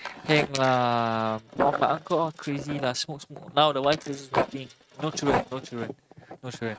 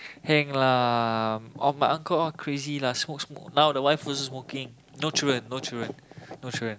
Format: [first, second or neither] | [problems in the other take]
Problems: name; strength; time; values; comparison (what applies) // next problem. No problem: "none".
second | noise reduction (neural mask model RNNoise)